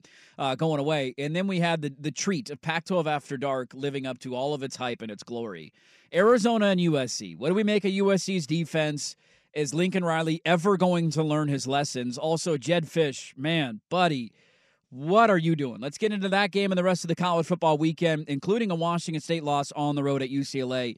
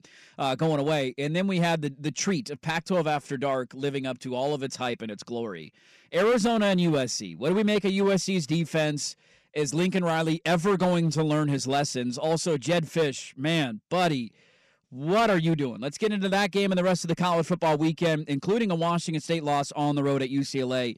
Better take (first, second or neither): first